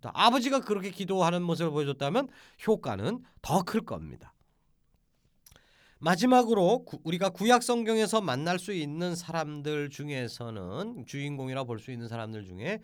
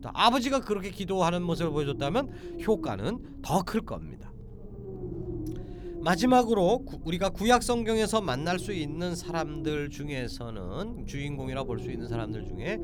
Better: first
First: none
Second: low rumble; noticeable; throughout; 15 dB below the speech

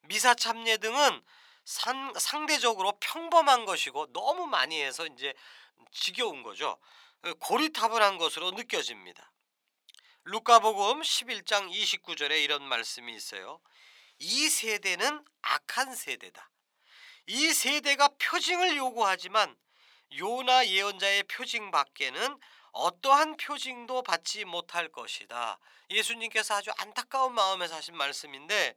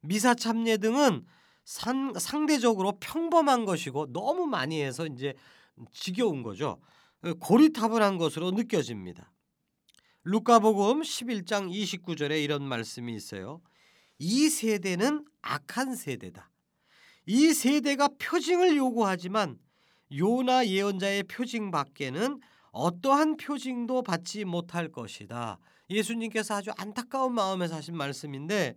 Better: second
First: thin; very; fading below 800 Hz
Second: none

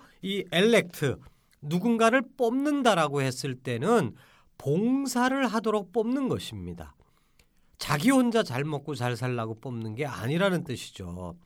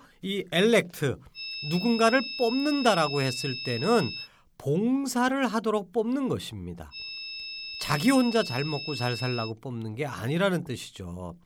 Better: first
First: none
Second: high-pitched whine; loud; from 1.5 to 4 s and from 7 to 9.5 s; 5 kHz, 7 dB below the speech

